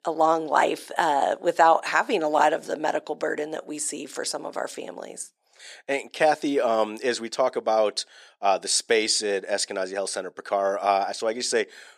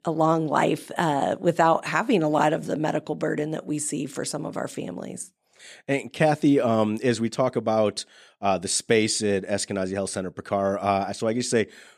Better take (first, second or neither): second